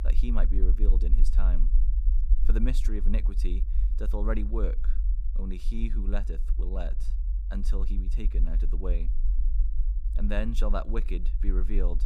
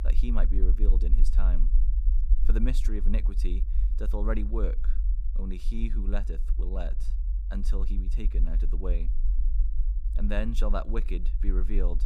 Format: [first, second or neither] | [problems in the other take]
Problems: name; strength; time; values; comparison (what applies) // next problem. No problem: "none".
neither | low rumble; noticeable; throughout; 15 dB below the speech; the same in both